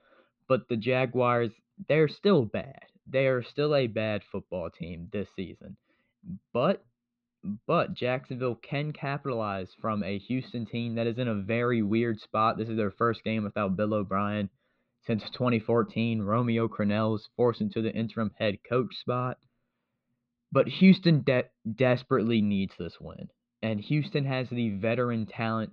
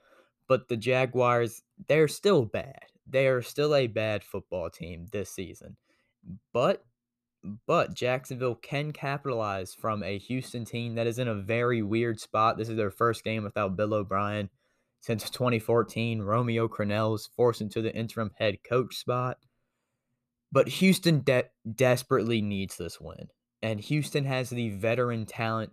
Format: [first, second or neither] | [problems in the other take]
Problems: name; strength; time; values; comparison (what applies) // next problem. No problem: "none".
second | muffled; very slightly; fading above 4 kHz